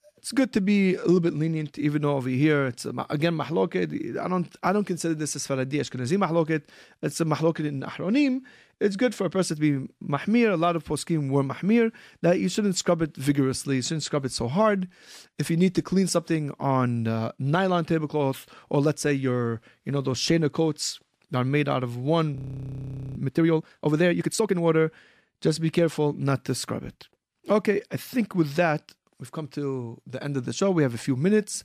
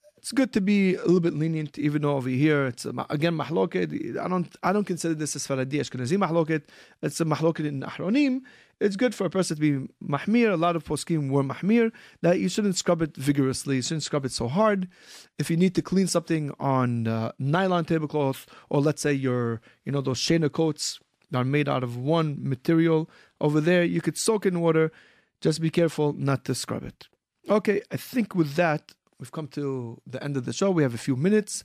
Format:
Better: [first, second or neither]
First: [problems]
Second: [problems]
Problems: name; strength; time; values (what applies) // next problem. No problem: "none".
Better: second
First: audio freezing; at 22 s for 1 s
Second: none